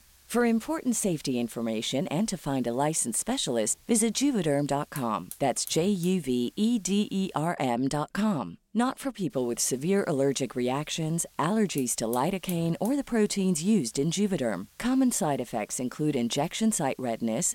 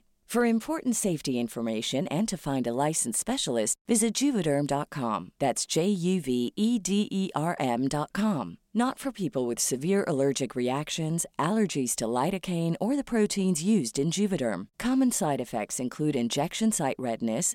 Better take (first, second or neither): second